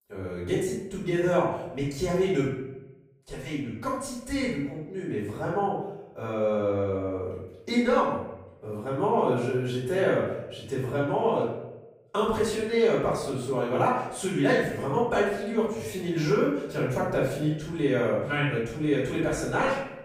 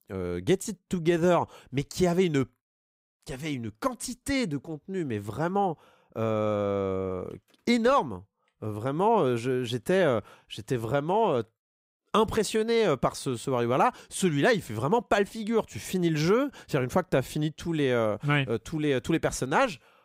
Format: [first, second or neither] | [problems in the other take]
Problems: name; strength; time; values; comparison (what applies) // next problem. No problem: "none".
second | off-mic speech; far // room echo; noticeable; dies away in 0.8 s